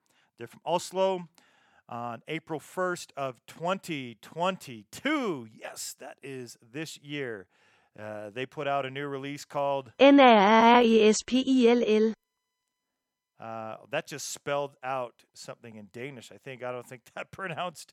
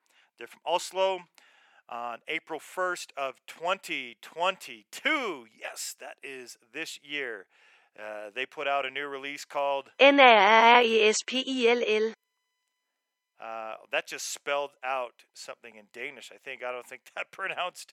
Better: first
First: none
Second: thin; somewhat; fading below 450 Hz

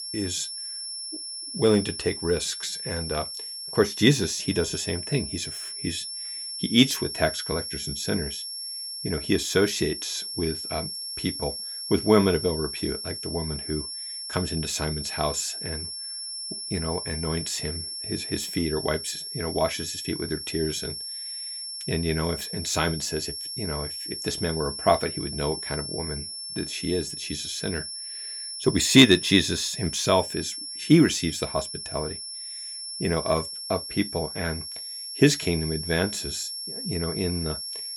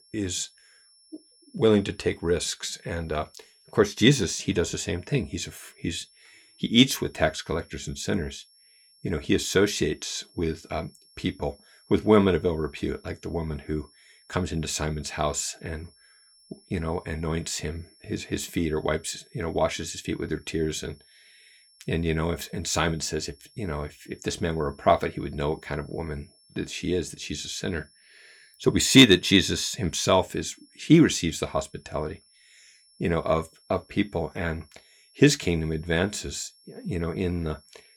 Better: second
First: high-pitched whine; loud; throughout; 5.5 kHz, 6 dB below the speech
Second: high-pitched whine; faint; throughout; 5.5 kHz, 30 dB below the speech

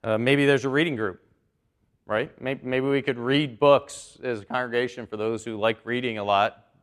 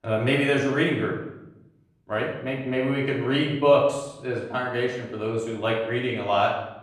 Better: first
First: none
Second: off-mic speech; far // room echo; noticeable; dies away in 0.7 s

